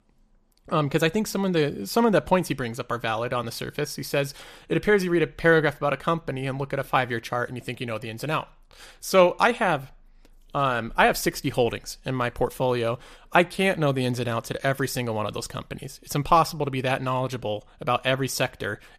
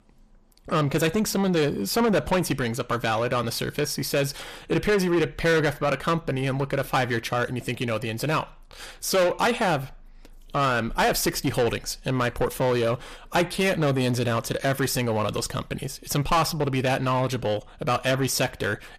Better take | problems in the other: first | distortion; heavy; 7 dB below the speech

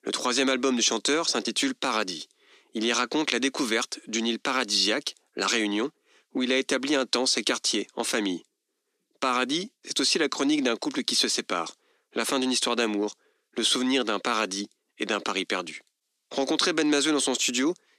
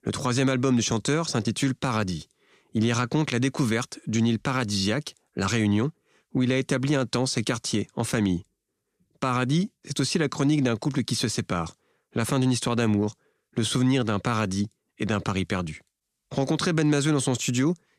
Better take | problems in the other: second | thin; very slightly; fading below 250 Hz

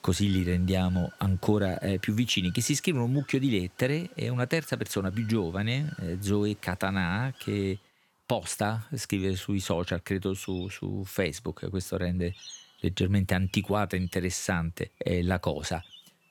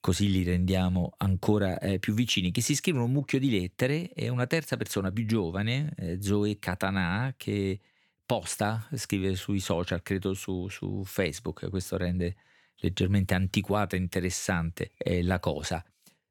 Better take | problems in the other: second | animal sounds; faint; throughout; 25 dB below the speech

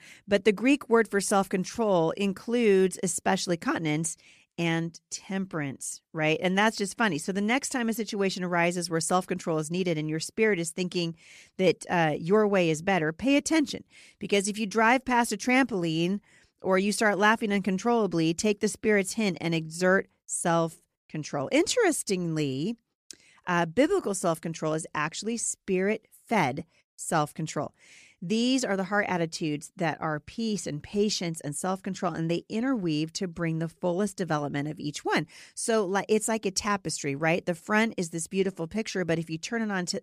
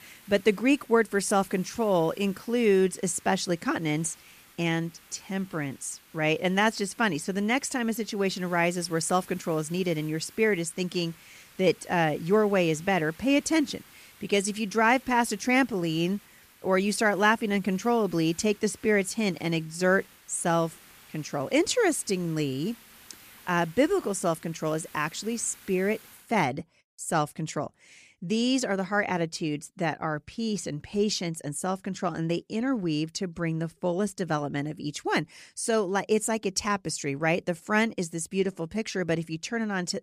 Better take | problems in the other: first | hiss; faint; until 26 s; 25 dB below the speech

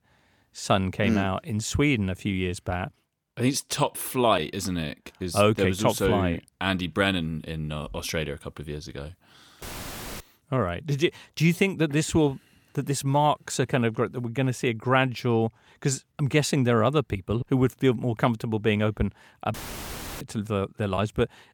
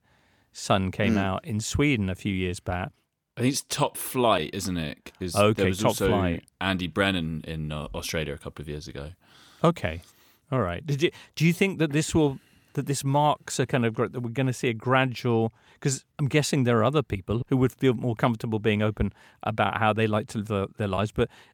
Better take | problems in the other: second | audio cutting out; filled with static; at 9.5 s for 0.5 s and at 20 s for 0.5 s

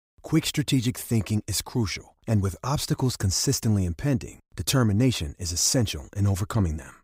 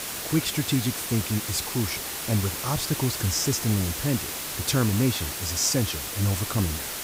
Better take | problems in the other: first | hiss; loud; throughout; 3 dB below the speech

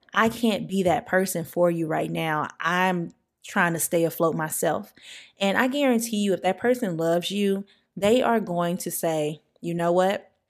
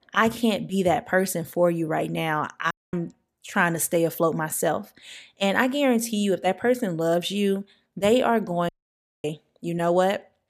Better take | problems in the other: first | audio cutting out; at 2.5 s and at 8.5 s for 0.5 s

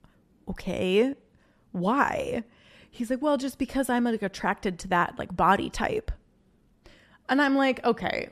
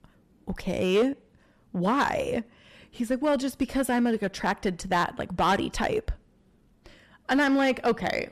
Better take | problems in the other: first | distortion; slight; 4% of the sound clipped

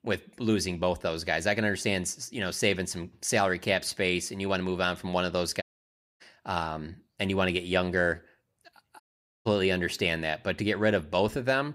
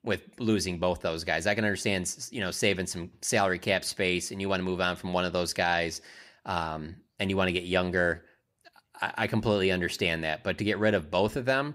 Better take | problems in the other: second | audio cutting out; at 5.5 s for 0.5 s and at 9 s

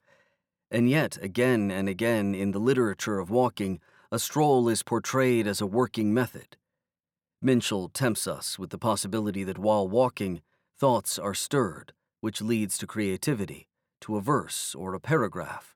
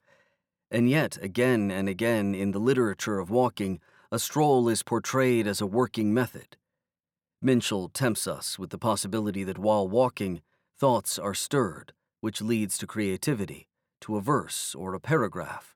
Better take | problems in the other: neither | none

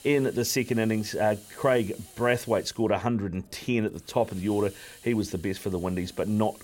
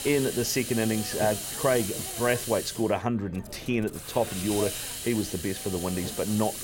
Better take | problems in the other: first | hiss; loud; throughout; 5 dB below the speech; faint in the first

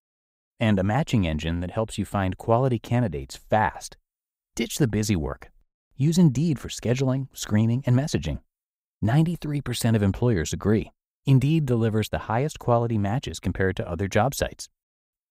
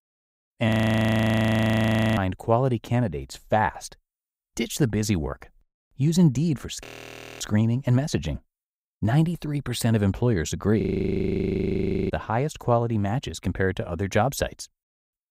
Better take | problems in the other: first | audio freezing; at 0.5 s for 1.5 s, at 7 s for 0.5 s and at 11 s for 1.5 s

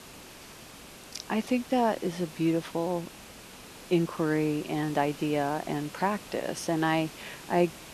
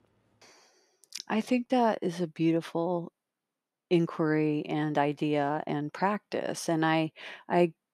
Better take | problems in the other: second | hiss; noticeable; throughout; 15 dB below the speech

